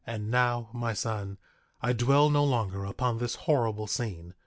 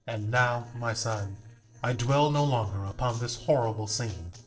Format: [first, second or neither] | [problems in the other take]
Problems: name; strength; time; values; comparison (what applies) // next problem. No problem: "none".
first | noise reduction (neural separator model SepFormer DNS4)